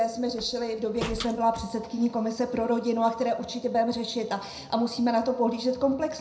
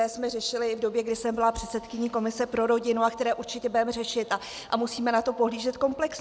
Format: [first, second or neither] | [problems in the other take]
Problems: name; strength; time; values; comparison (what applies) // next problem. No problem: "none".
second | background sound (Slam); 15 dB below the speech // room echo; dies away in 0.4 s